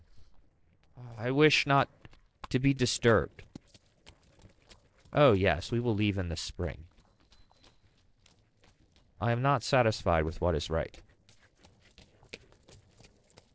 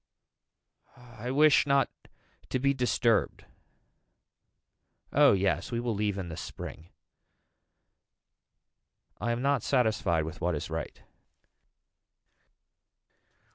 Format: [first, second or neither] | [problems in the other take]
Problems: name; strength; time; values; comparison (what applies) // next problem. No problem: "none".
second | noise reduction (neural separator model SepFormer DNS4)